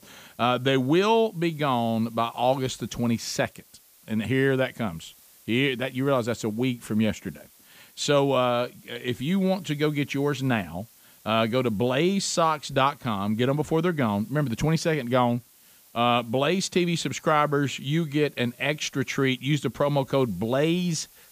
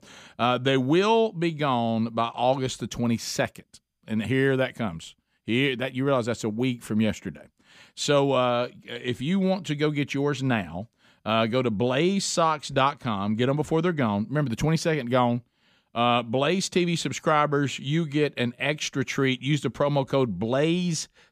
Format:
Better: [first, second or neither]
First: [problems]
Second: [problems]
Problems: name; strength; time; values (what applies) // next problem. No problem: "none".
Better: second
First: hiss; faint; throughout; 25 dB below the speech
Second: none